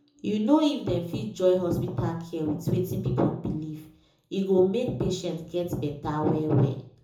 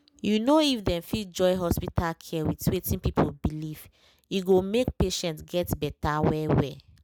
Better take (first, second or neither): second